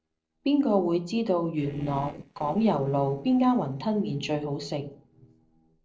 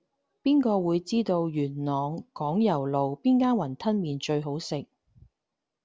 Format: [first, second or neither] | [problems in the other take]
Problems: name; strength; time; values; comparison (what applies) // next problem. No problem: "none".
second | noise reduction (neural separator model SepFormer DNS4)